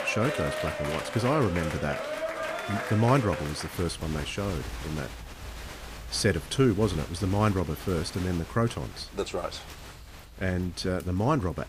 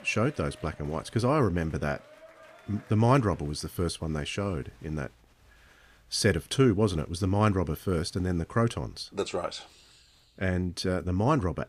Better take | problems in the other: second | crowd noise; loud; throughout; 8 dB below the speech; faint in the second

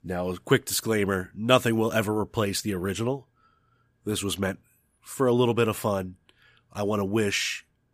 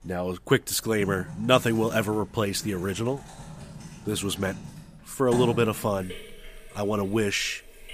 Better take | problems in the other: first | household noises; noticeable; throughout; 15 dB below the speech

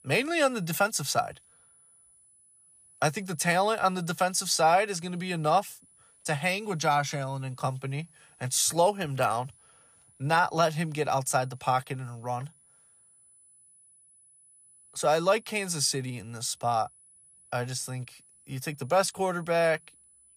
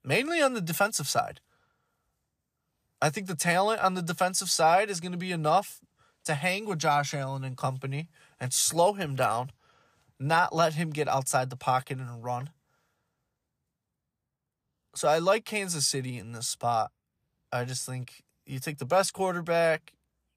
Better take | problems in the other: second | high-pitched whine; faint; throughout; 10 kHz, 30 dB below the speech

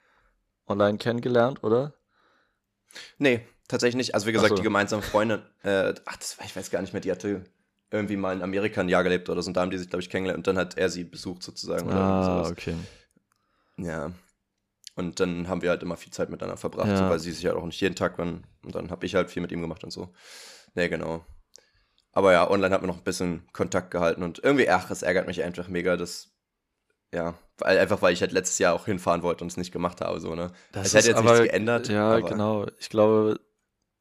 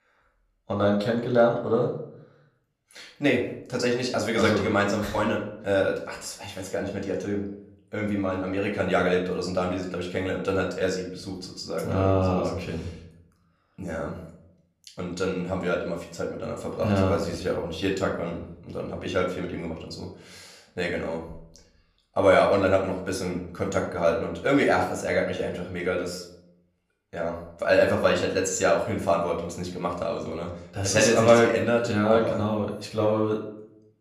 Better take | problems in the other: first | off-mic speech; somewhat distant // room echo; slight; dies away in 0.6 s

